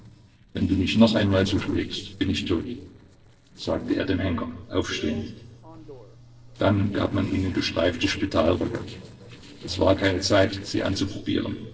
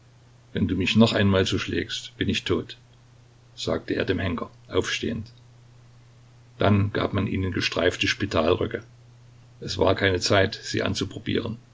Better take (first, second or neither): second